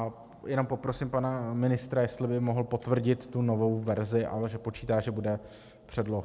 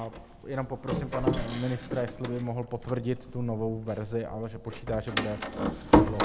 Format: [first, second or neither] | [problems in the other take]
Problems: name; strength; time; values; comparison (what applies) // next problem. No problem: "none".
first | background sound (Door); 2 dB above the speech